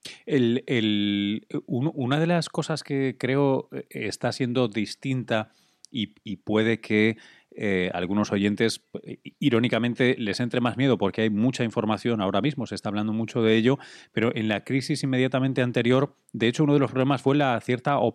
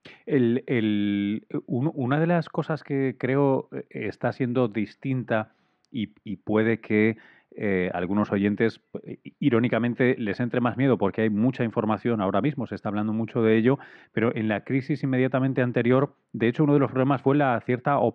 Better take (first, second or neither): first